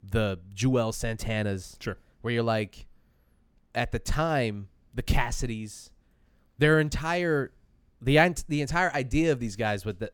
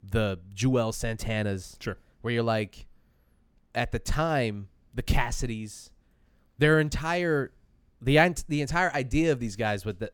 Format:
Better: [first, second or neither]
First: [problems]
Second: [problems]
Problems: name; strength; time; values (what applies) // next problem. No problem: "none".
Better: neither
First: none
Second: none